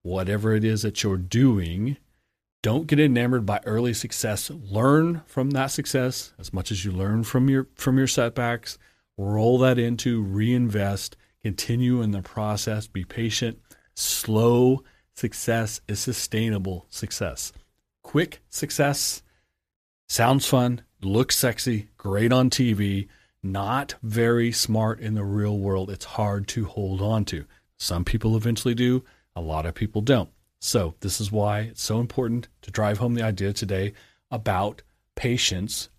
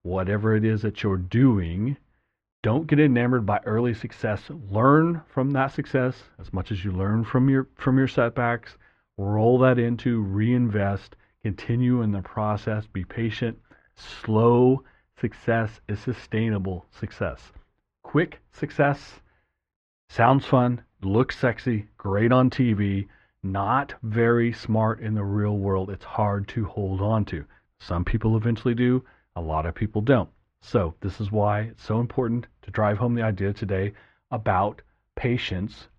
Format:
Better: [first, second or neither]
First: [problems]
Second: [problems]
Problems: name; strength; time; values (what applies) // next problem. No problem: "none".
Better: first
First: none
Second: muffled; very; fading above 2.5 kHz